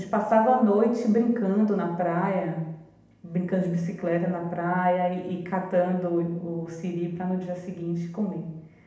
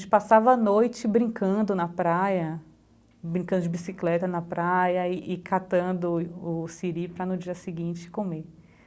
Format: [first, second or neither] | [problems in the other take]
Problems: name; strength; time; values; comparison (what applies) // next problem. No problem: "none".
second | room echo; dies away in 0.8 s